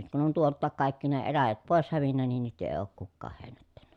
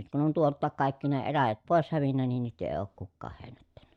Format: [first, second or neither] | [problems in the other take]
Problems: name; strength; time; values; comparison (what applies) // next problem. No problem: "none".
first | noise reduction (neural mask model DeepFilterNet 3)